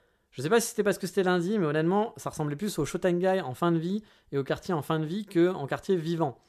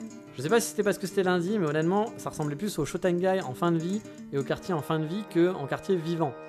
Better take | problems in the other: first | background music; noticeable; throughout; 15 dB below the speech

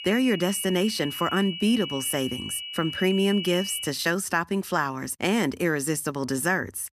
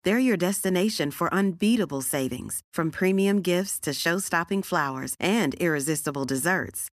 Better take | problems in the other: second | high-pitched whine; loud; until 4 s; 3 kHz, 8 dB below the speech

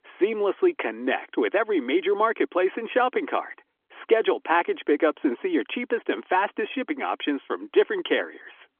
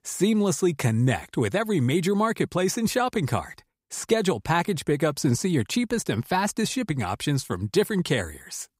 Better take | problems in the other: second | phone-call audio; nothing above 3.5 kHz

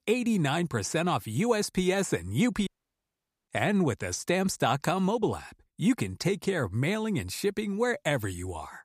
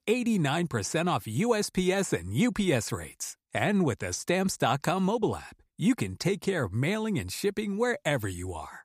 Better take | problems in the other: second | audio cutting out; at 2.5 s for 1 s

